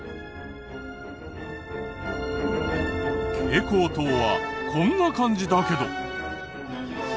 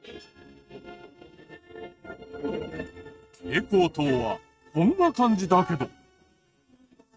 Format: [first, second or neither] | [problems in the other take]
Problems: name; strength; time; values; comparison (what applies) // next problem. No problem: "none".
first | noise reduction (neural mask model RNNoise)